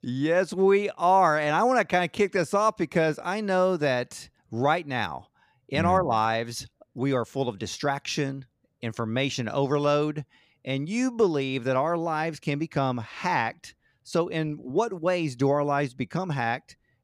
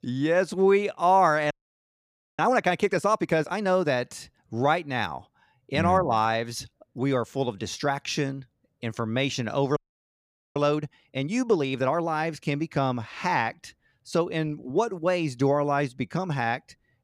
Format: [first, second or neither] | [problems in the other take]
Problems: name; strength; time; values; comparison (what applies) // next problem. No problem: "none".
first | audio freezing; at 1.5 s for 1 s and at 10 s for 1 s